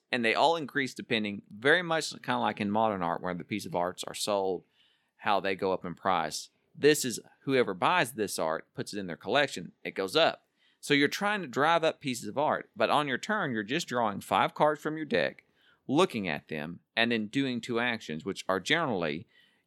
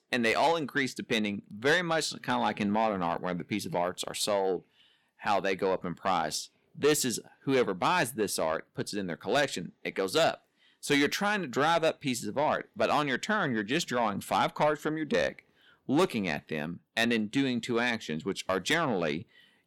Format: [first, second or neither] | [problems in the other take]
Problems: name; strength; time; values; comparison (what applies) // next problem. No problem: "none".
first | distortion; slight; 10 dB below the speech